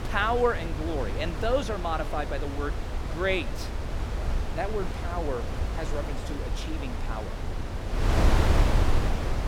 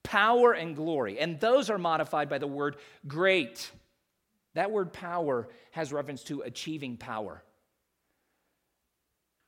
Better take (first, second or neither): second